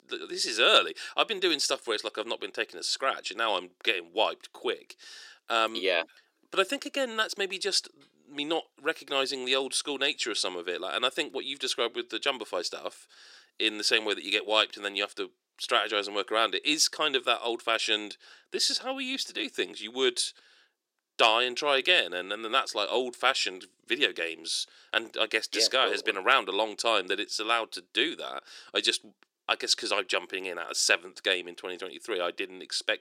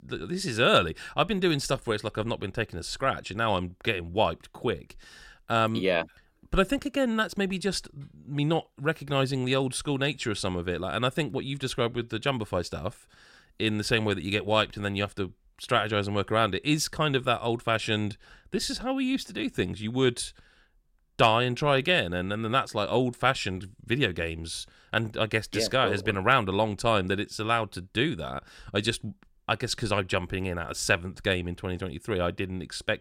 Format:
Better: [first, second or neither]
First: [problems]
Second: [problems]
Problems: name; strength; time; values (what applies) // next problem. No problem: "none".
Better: second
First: thin; somewhat; fading below 350 Hz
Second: none